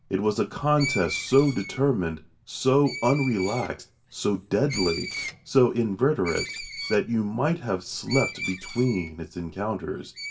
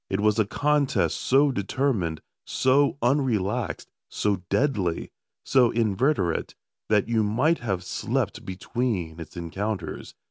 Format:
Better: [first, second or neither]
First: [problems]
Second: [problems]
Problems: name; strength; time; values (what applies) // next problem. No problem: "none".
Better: second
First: background sound (Screech); 12 dB below the speech // room echo; dies away in 0.2 s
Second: none